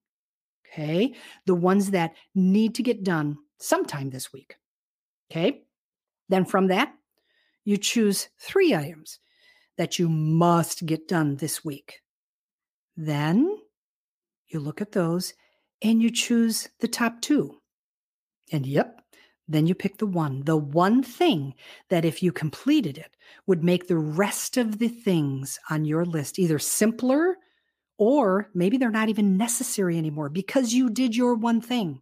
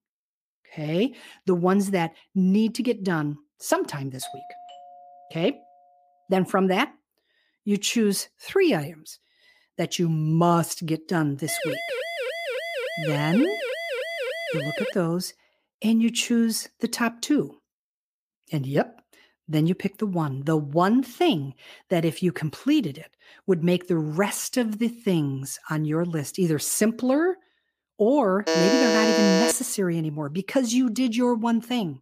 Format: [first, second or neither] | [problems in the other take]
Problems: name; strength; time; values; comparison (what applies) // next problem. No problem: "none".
first | doorbell; faint; from 4 to 6 s; peak 15 dB below the speech // siren; noticeable; from 11 to 15 s; peak 4 dB below the speech // alarm; loud; from 28 to 30 s; peak 4 dB above the speech